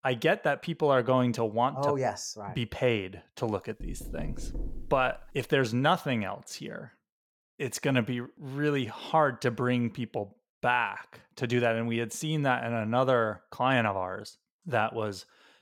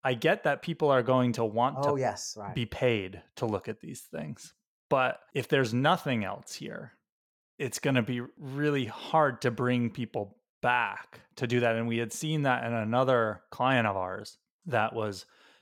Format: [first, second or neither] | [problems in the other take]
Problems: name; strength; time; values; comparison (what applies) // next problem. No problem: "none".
second | door banging; faint; from 4 to 5.5 s; peak 10 dB below the speech